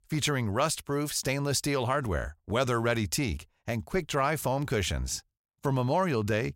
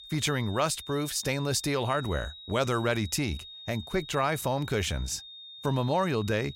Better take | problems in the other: first | high-pitched whine; noticeable; throughout; 3.5 kHz, 15 dB below the speech

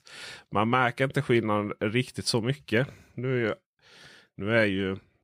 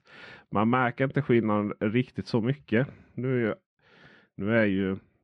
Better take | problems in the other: first | muffled; slightly; fading above 2.5 kHz

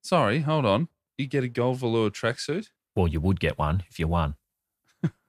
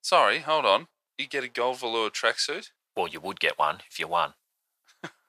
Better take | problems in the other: first | thin; very; fading below 750 Hz

